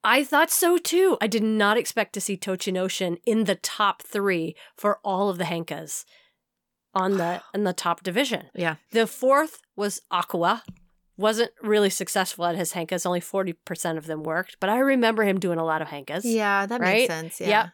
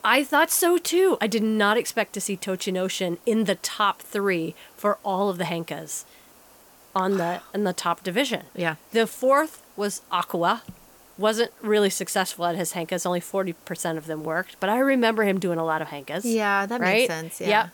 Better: first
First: none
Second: hiss; faint; throughout; 25 dB below the speech

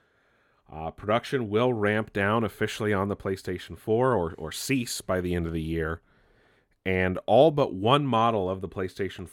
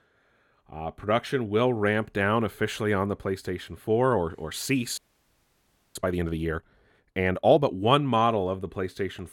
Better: first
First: none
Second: audio freezing; at 5 s for 1 s

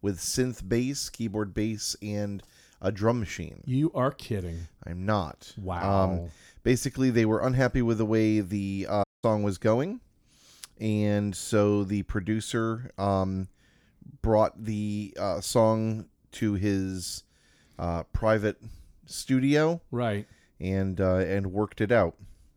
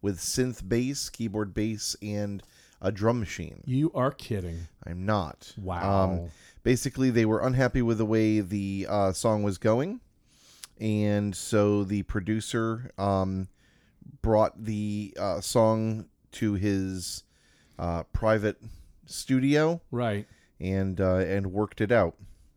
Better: second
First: audio cutting out; at 9 s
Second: none

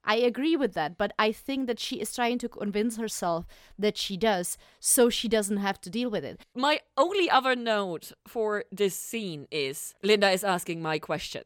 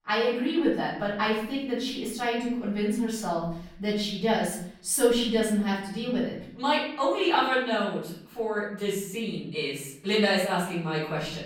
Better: first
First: none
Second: room echo; noticeable; dies away in 0.7 s // off-mic speech; far

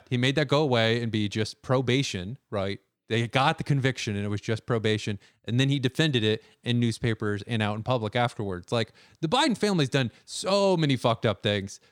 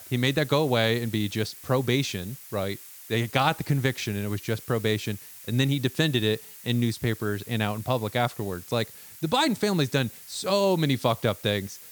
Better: first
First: none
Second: hiss; noticeable; throughout; 15 dB below the speech

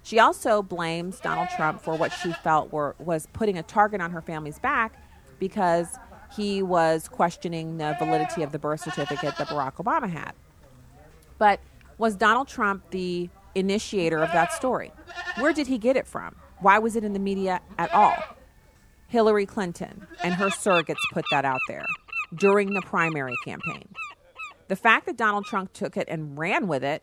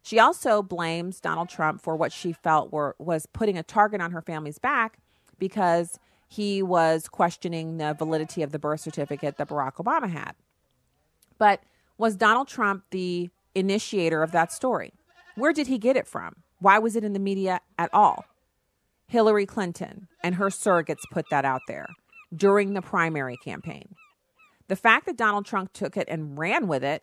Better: second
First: animal sounds; loud; throughout; 7 dB below the speech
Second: animal sounds; faint; throughout; 30 dB below the speech

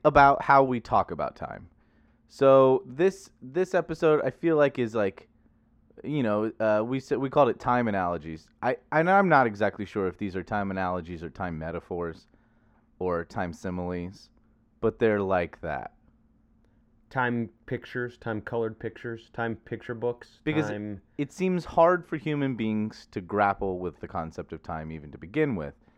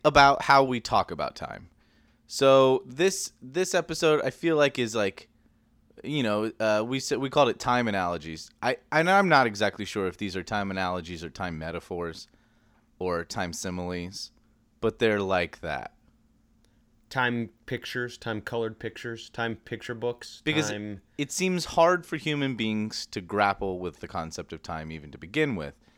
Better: second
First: muffled; very; fading above 2.5 kHz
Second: none

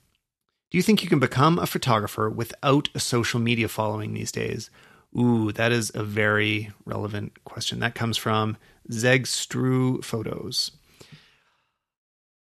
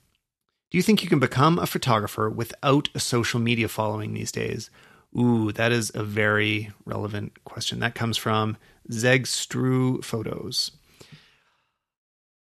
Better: neither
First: none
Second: none

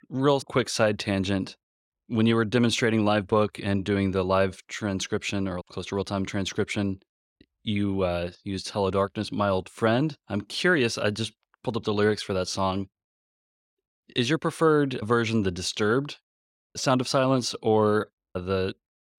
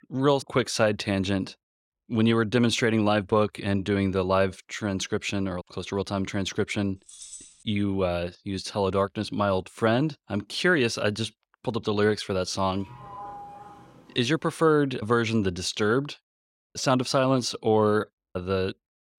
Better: first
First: none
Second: jangling keys; faint; at 7 s; peak 15 dB below the speech // doorbell; faint; from 13 to 14 s; peak 15 dB below the speech

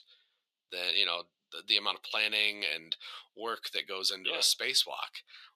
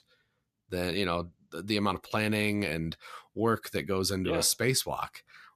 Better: second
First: thin; very; fading below 600 Hz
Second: none

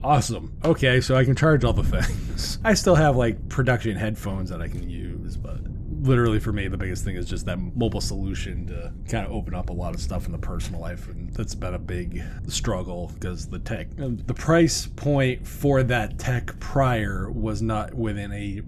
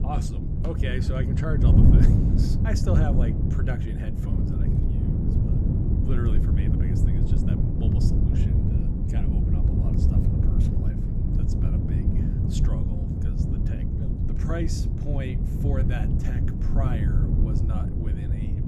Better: first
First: wind noise on the microphone; occasional gusts; 20 dB below the speech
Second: wind noise on the microphone; heavy; 3 dB above the speech

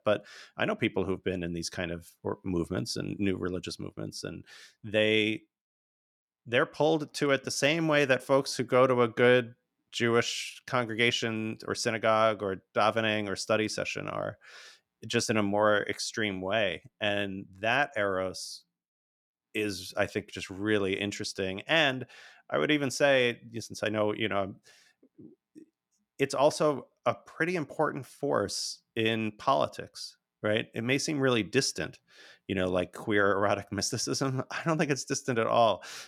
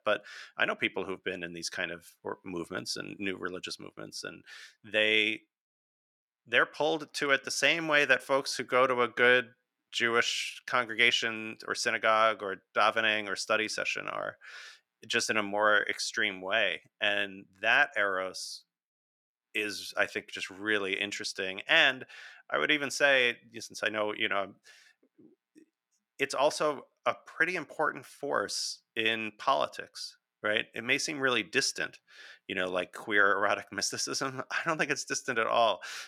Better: first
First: none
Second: thin; somewhat; fading below 1 kHz

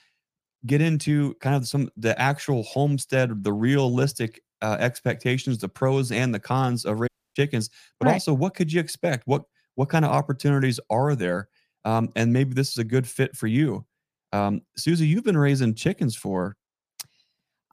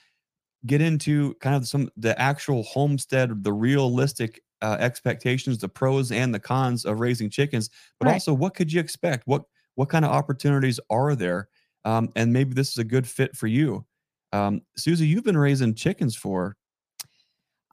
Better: second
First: audio cutting out; at 7 s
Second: none

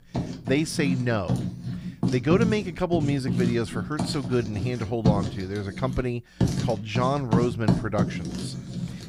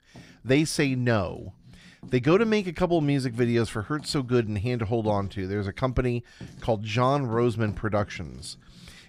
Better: second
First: household noises; loud; throughout; 2 dB below the speech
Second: household noises; faint; throughout; 25 dB below the speech

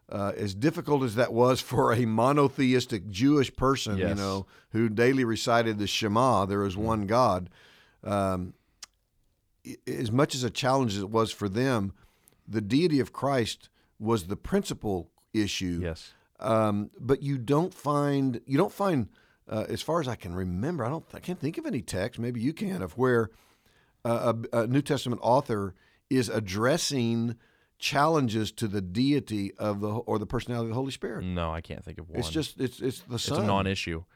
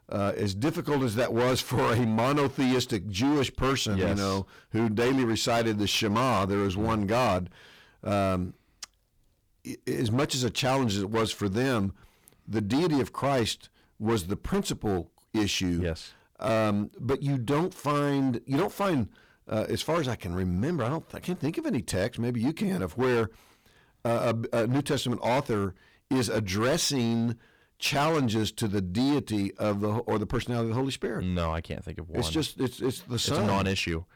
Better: first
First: none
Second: distortion; heavy; 14% of the sound clipped

